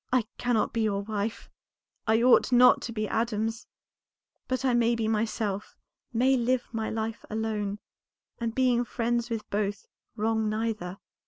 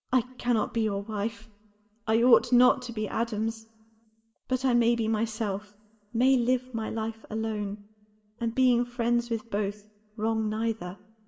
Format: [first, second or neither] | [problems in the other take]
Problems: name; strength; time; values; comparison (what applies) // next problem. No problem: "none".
first | room echo; dies away in 0.9 s